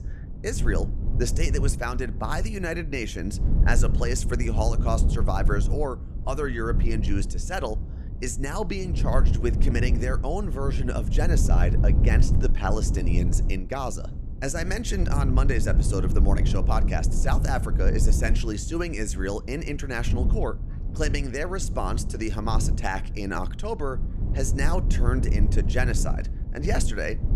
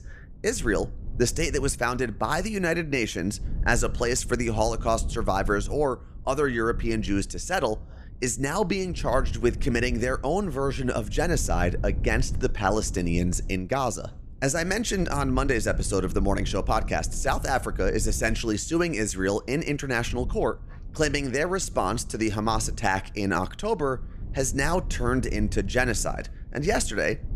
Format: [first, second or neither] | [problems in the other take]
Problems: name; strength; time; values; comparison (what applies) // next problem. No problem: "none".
second | low rumble; loud; throughout; 10 dB below the speech; faint in the second